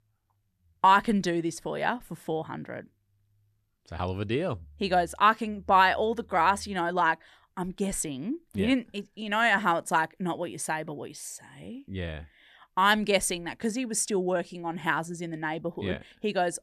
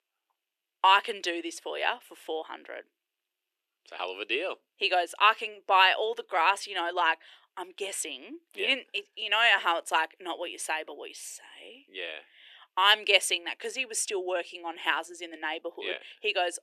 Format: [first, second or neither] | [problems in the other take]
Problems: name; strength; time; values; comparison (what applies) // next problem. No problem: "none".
first | thin; very; fading below 350 Hz